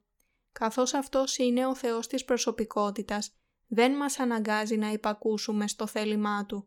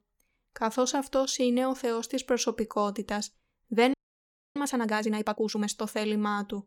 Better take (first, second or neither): first